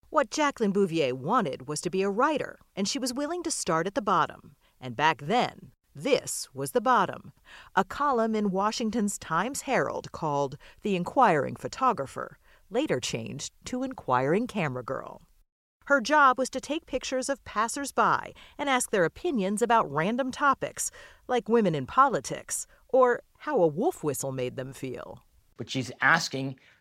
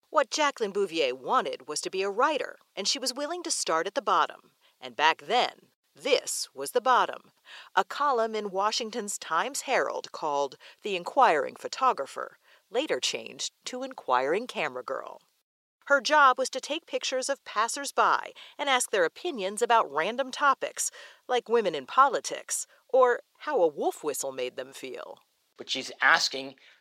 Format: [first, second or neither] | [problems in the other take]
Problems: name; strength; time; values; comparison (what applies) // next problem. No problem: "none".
first | thin; somewhat; fading below 450 Hz